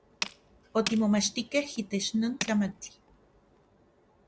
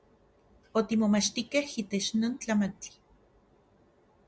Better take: second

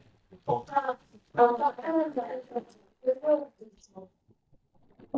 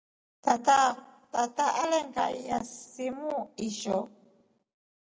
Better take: second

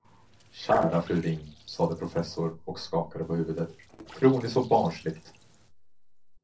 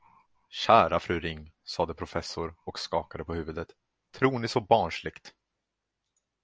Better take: second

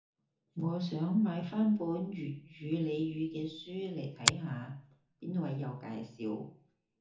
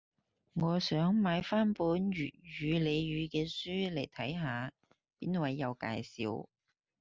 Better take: second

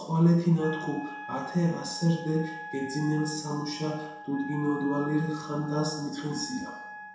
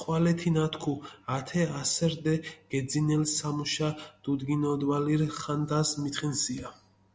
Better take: second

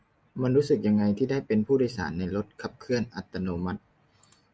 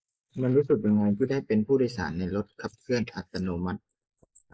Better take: first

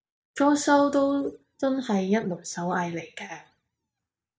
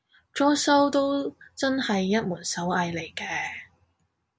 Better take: second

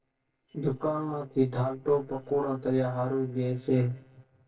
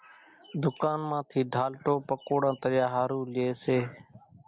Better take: second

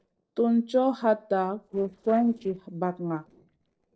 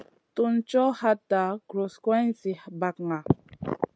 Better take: second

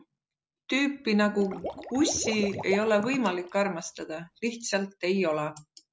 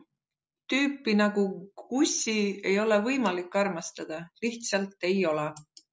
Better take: second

